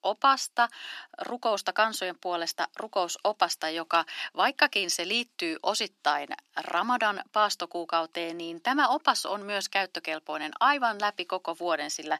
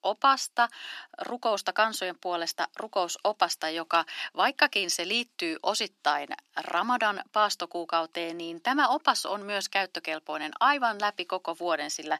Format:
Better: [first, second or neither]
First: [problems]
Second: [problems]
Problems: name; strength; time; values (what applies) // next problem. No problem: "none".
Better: neither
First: thin; somewhat; fading below 350 Hz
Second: thin; somewhat; fading below 350 Hz